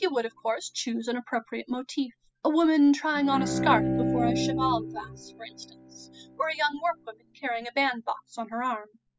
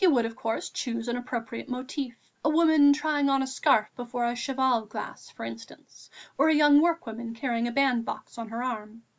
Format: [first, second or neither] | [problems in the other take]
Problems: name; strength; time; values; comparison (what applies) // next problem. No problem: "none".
second | noise reduction (classical method spectral subtraction)